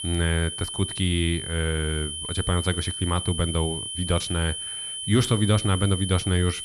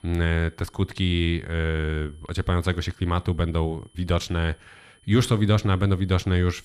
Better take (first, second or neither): second